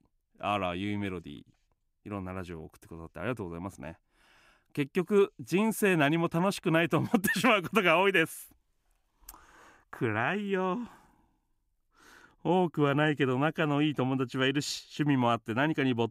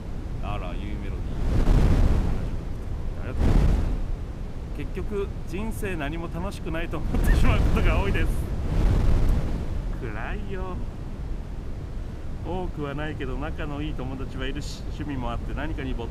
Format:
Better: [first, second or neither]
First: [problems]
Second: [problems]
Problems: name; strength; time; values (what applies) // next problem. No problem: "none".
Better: first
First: none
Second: wind noise on the microphone; heavy; 4 dB below the speech